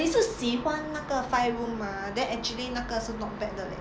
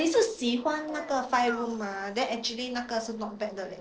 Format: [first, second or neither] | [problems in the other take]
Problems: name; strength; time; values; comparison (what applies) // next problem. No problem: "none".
first | noise reduction (neural separator model SepFormer DNS4)